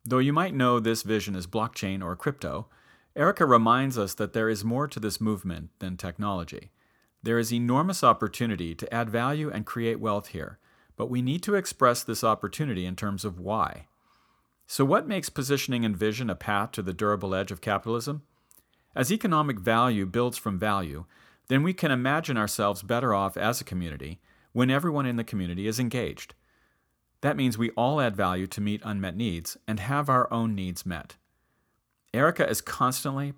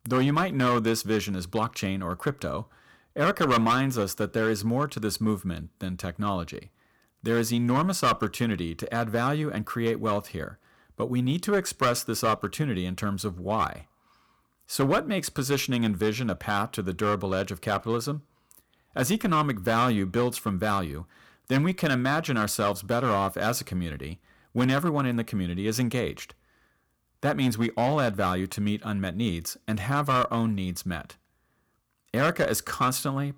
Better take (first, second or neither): first